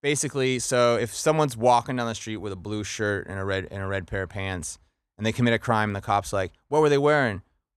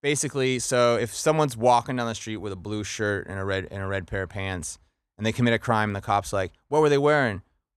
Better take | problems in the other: neither | none

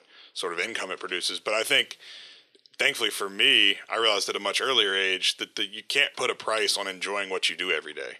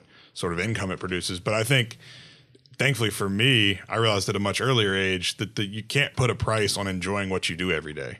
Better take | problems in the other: second | thin; very; fading below 400 Hz

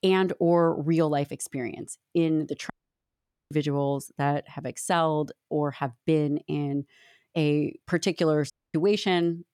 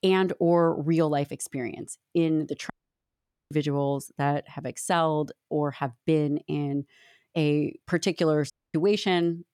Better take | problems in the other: neither | audio cutting out; at 2.5 s for 1 s and at 8.5 s; the same in both

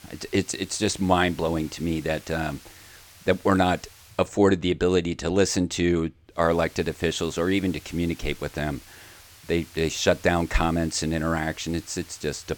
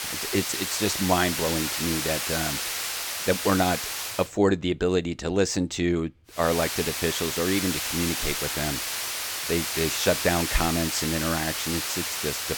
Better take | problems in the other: first | hiss; loud; until 4 s and from 6.5 s on; 1 dB below the speech; faint in the first

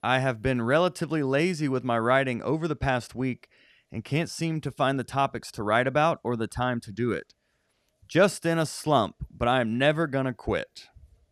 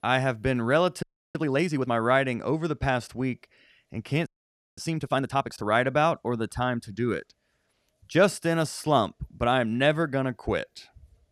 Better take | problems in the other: first | audio freezing; at 1 s and at 4.5 s for 0.5 s

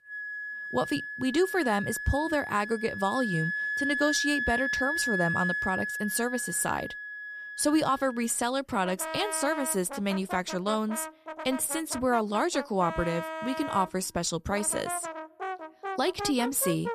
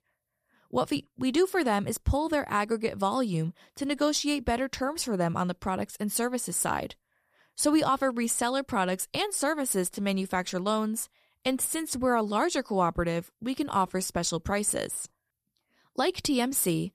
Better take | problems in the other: second | background music; loud; throughout; 5 dB below the speech

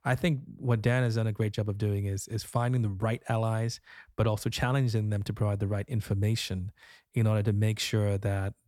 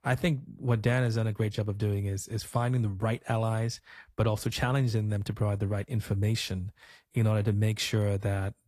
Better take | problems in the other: first | garbled, watery; slightly

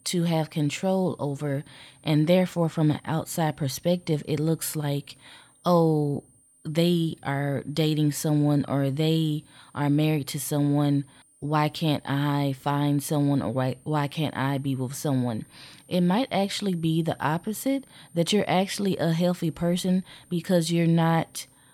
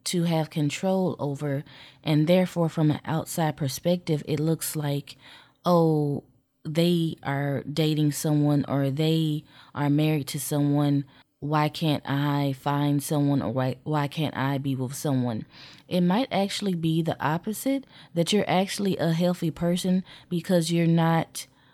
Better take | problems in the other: second | high-pitched whine; faint; throughout; 9 kHz, 30 dB below the speech

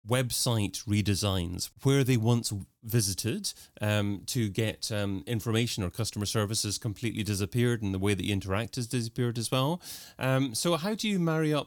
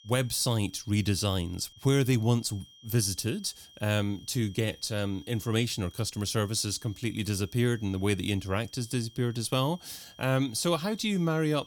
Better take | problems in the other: first | high-pitched whine; faint; throughout; 3 kHz, 25 dB below the speech

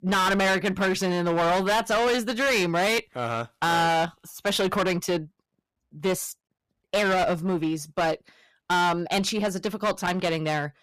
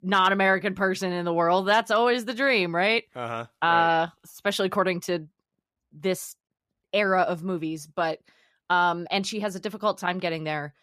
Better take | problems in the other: second | distortion; heavy; 17% of the sound clipped

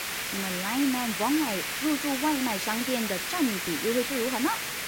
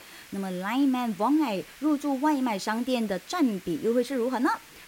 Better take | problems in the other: second | hiss; loud; throughout; 1 dB below the speech; faint in the second

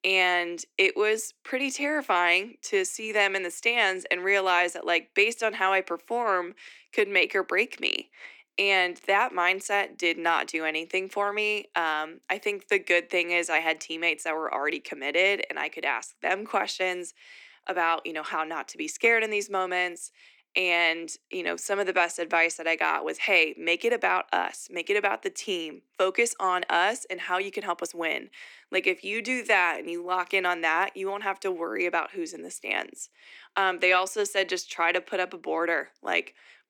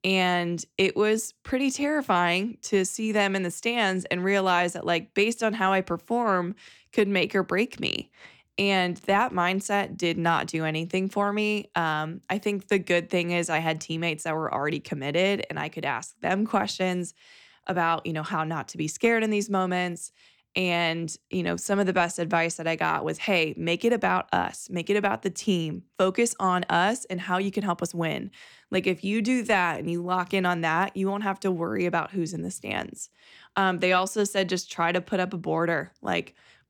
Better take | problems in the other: second | thin; somewhat; fading below 300 Hz

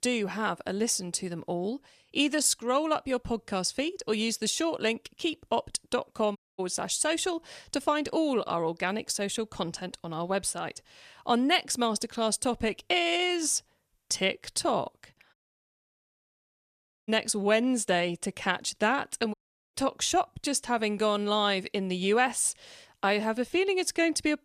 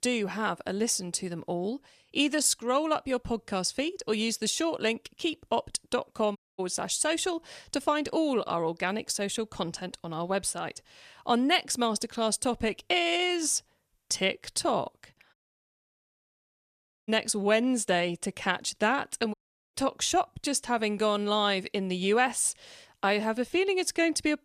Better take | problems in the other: neither | audio cutting out; at 6.5 s, at 15 s for 1.5 s and at 19 s; the same in both

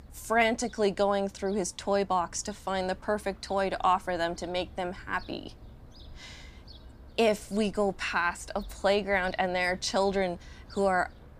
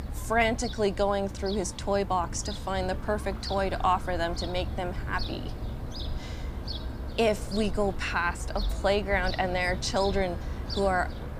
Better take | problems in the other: first | animal sounds; loud; throughout; 7 dB below the speech; faint in the first

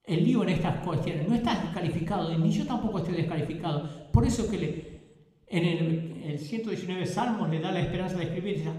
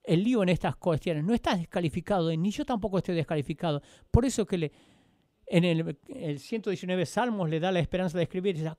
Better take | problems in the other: second | room echo; slight; dies away in 0.9 s

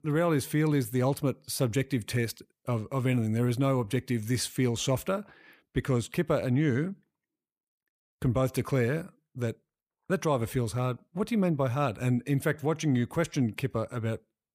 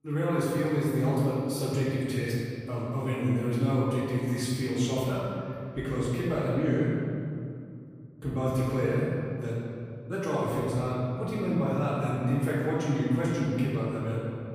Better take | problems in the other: first | off-mic speech; far // room echo; strong; dies away in 2.3 s

